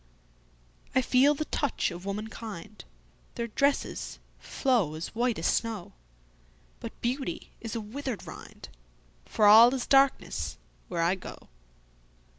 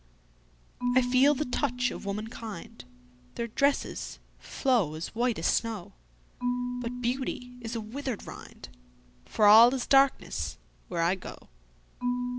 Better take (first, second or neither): first